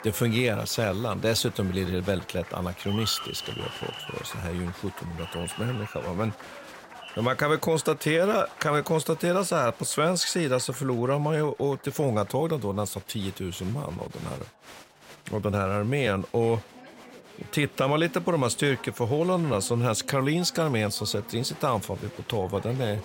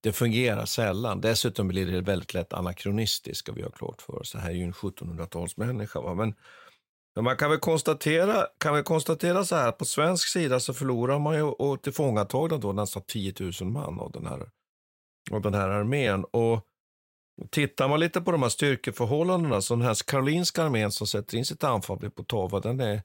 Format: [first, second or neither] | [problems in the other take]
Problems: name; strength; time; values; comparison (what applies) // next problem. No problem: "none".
second | crowd noise; noticeable; throughout; 15 dB below the speech